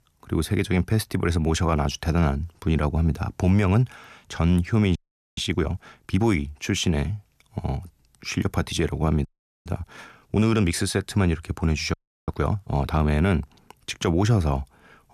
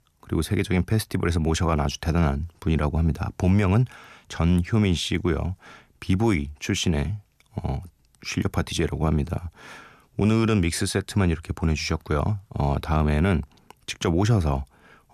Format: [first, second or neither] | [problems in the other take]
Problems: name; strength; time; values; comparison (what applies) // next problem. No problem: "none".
second | audio freezing; at 5 s, at 9.5 s and at 12 s